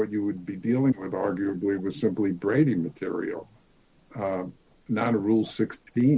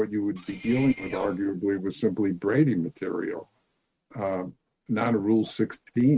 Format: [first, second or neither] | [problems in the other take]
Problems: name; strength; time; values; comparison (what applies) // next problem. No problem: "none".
first | noise reduction (neural mask model RNNoise)